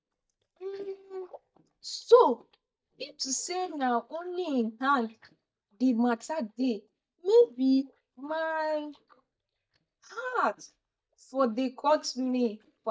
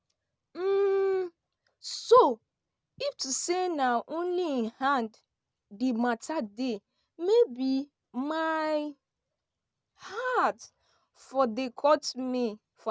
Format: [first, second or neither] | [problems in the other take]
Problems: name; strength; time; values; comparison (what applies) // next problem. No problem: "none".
second | noise reduction (neural mask model DeepFilterNet 3)